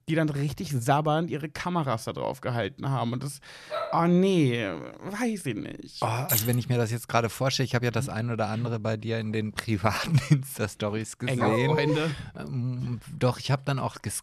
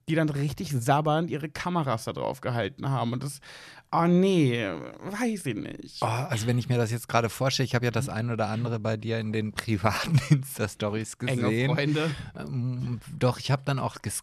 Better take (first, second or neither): second